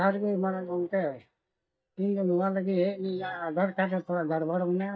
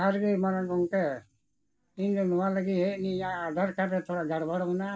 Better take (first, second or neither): second